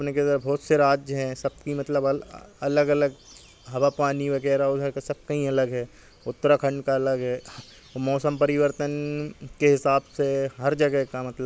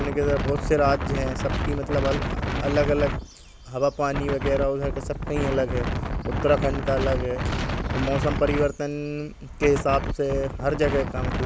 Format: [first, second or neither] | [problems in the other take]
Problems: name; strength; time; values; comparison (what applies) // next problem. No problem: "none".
first | background sound (Wind); 2 dB below the speech